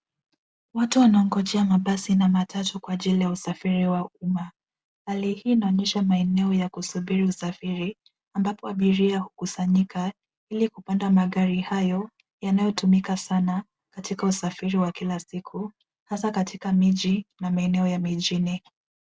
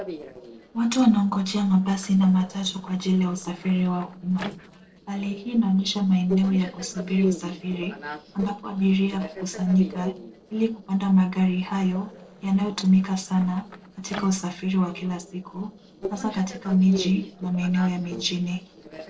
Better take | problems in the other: first | noise reduction (neural separator model SepFormer DNS4)

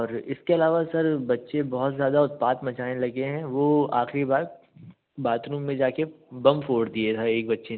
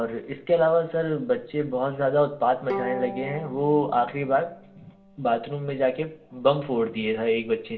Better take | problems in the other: first | background sound (Bowed string instrument); 16 dB below the speech // room echo; dies away in 0.5 s

